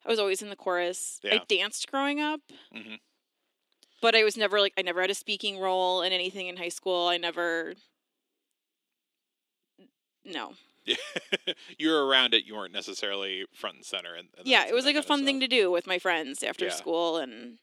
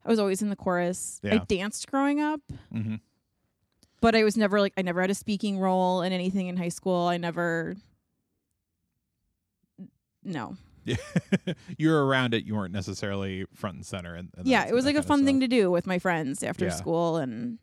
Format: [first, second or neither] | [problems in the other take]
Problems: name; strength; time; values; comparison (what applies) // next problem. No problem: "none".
second | thin; somewhat; fading below 350 Hz